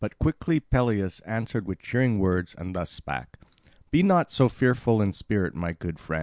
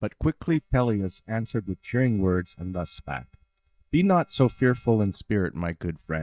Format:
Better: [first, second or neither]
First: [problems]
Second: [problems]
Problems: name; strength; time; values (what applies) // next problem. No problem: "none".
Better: first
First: none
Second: noise reduction (neural mask model DeepFilterNet 3)